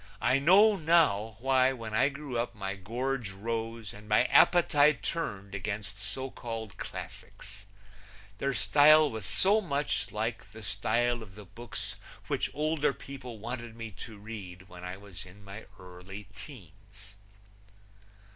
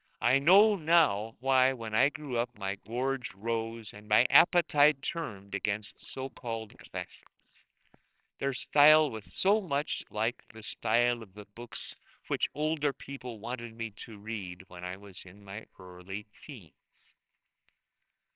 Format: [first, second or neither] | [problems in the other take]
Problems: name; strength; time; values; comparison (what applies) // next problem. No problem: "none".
first | noise reduction (neural separator model SepFormer WHAMR!)